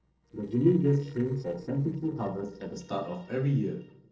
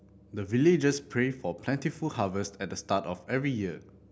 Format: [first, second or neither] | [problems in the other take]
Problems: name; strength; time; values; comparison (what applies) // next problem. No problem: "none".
second | noise reduction (neural separator model SepFormer DNS4)